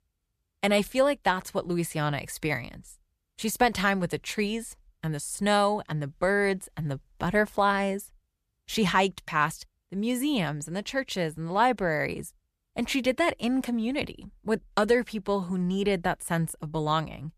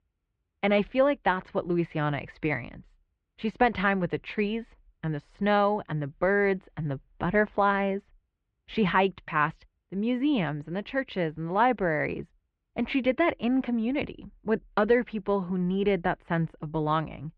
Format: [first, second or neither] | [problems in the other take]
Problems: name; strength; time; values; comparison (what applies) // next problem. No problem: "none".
first | muffled; very; fading above 3 kHz